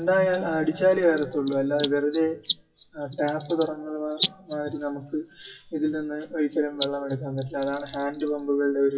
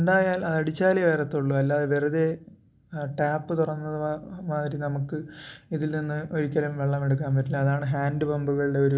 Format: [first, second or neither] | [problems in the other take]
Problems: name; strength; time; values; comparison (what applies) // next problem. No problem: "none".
second | noise reduction (classical method WPE with log-MMSE)